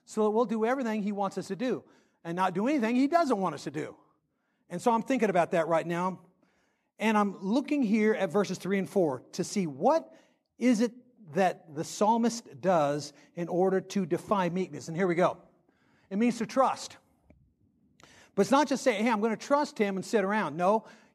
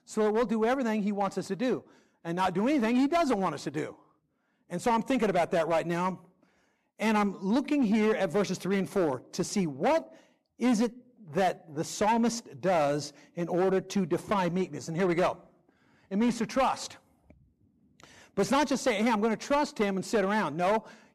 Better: first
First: none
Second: distortion; slight; 7% of the sound clipped

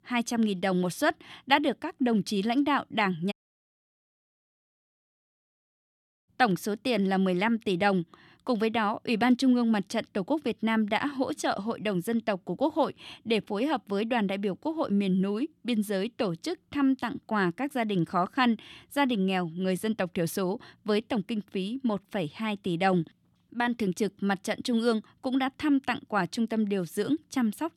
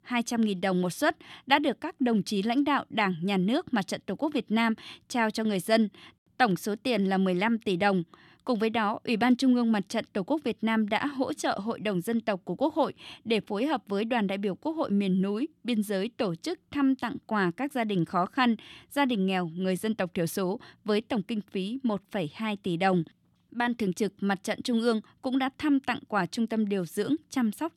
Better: second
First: audio cutting out; at 3.5 s for 3 s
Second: none

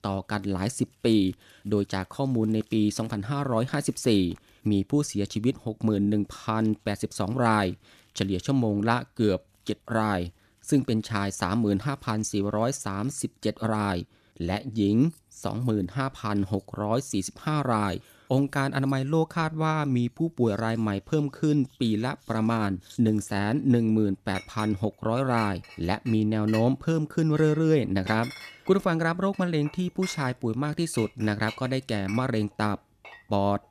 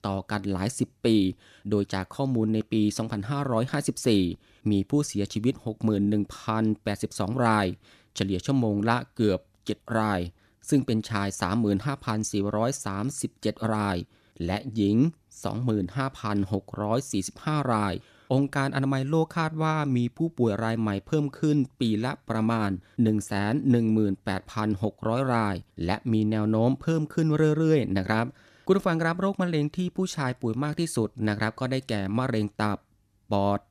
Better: second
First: household noises; noticeable; throughout; 20 dB below the speech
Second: none

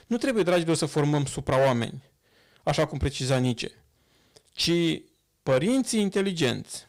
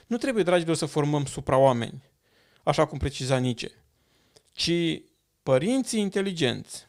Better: second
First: distortion; slight; 5% of the sound clipped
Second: none

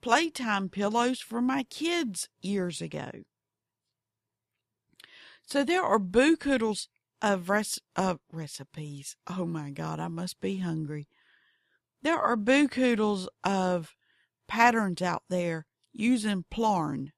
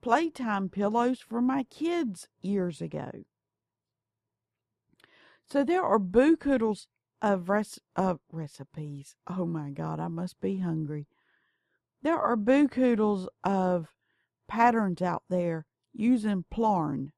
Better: first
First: none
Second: muffled; slightly; fading above 1.5 kHz

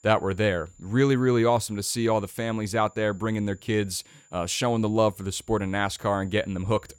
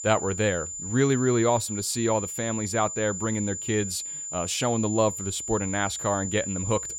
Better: first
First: high-pitched whine; faint; throughout; 7 kHz, 30 dB below the speech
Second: high-pitched whine; loud; throughout; 7 kHz, 5 dB below the speech

